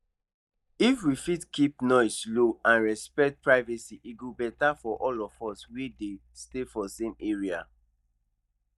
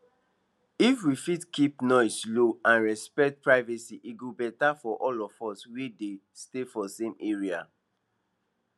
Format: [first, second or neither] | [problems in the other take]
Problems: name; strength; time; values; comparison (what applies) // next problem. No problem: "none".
second | noise reduction (neural mask model DeepFilterNet 3)